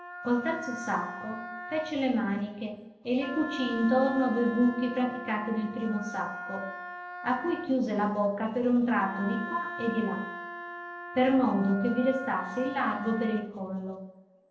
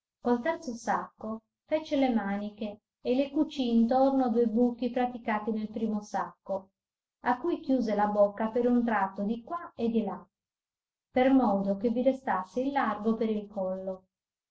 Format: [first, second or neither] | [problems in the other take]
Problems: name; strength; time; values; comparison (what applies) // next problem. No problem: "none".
second | background sound (Wind instrument, woodwind instrument); 11 dB below the speech // room echo; dies away in 0.9 s